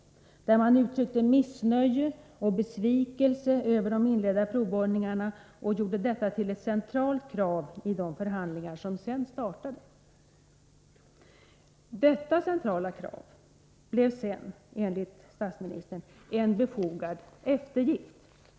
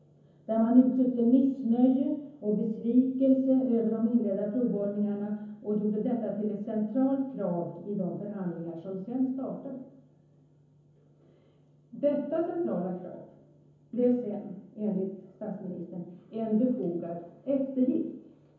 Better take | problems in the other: first | room echo; dies away in 0.7 s

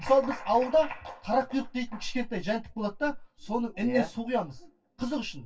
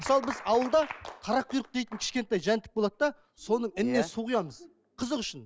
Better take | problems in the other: second | room echo; dies away in 0.1 s

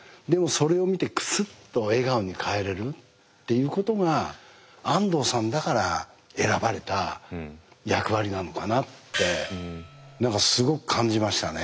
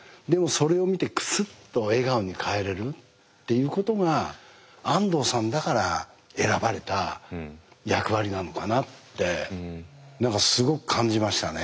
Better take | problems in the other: second | background sound (Gong); 8 dB below the speech

